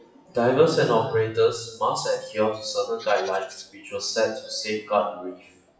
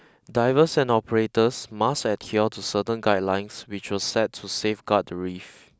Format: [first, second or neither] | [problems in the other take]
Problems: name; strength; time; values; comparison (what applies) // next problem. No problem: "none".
second | noise reduction (classical method WPE with log-MMSE)